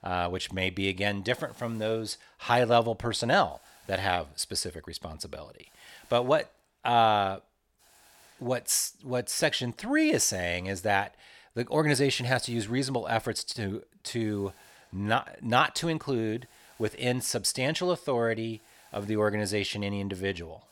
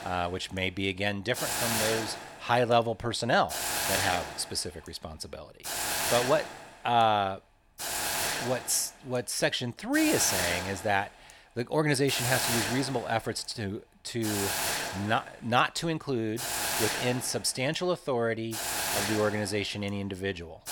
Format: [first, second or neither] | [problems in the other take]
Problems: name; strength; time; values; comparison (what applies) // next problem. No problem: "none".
first | hiss; loud; throughout; 1 dB below the speech; faint in the first